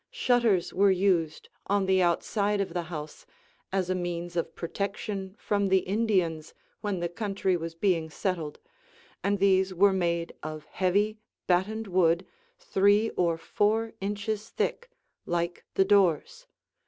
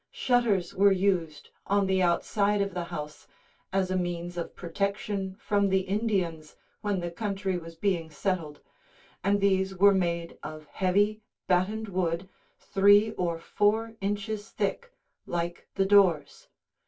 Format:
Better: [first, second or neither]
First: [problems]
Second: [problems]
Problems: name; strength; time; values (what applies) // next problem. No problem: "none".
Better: first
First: none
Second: room echo; dies away in 0.1 s